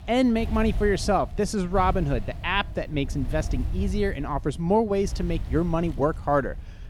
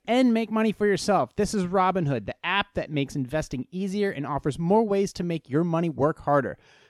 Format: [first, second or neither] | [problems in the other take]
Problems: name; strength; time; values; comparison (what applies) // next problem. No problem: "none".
second | wind noise on the microphone; occasional gusts; 20 dB below the speech